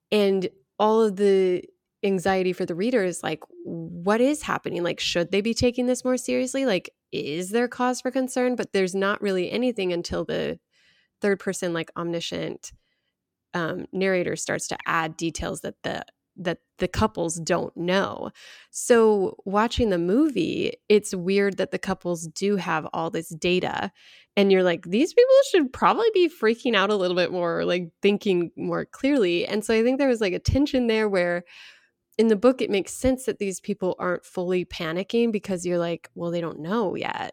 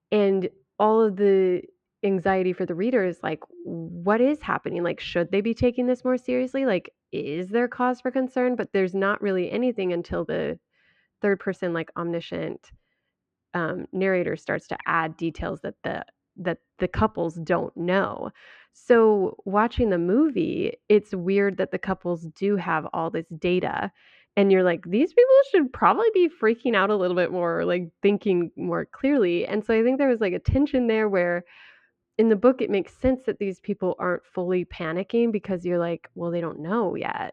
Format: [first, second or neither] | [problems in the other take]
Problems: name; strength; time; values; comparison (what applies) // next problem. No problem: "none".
first | muffled; very; fading above 2 kHz